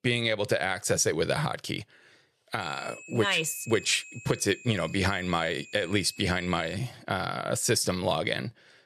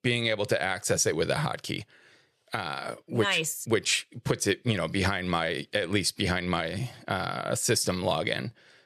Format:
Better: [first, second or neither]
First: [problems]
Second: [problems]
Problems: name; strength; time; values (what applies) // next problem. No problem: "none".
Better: second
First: high-pitched whine; noticeable; from 2.5 to 7 s; 2.5 kHz, 15 dB below the speech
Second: none